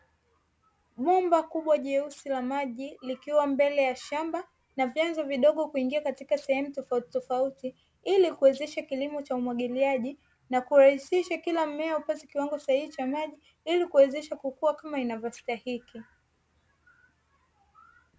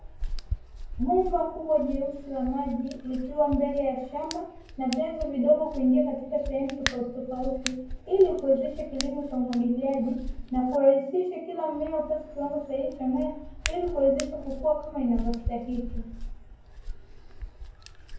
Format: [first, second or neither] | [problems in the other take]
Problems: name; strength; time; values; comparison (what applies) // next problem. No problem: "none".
first | background sound (Hands); 9 dB below the speech // room echo; dies away in 0.9 s